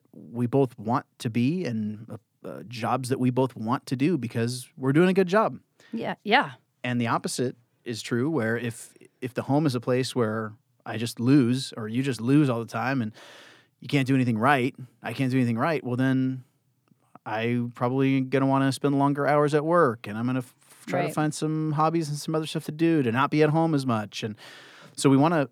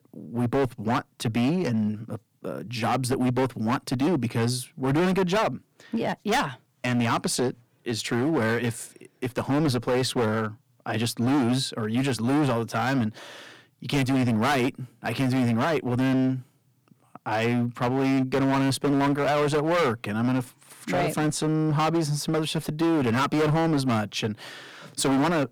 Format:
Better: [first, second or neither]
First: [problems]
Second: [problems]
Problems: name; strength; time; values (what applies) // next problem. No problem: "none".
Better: first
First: none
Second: distortion; heavy; 17% of the sound clipped